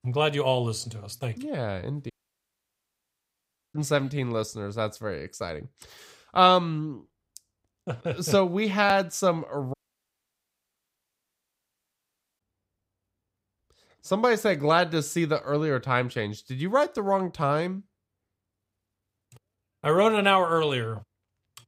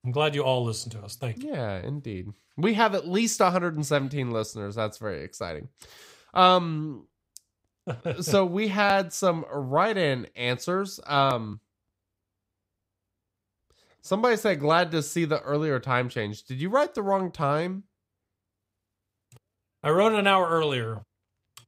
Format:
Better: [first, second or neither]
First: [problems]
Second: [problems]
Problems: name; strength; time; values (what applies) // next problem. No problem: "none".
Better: second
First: audio cutting out; at 2 s for 1.5 s and at 9.5 s for 2.5 s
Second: none